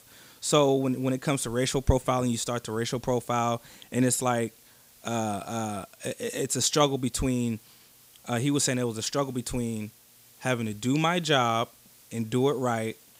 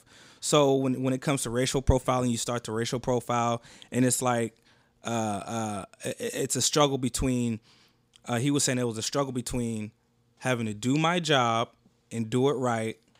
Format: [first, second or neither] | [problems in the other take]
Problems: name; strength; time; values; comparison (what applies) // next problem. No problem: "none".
second | hiss; faint; throughout; 25 dB below the speech